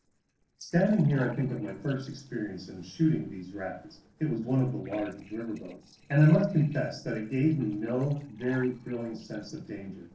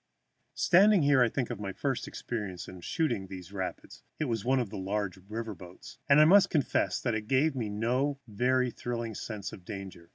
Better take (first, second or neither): second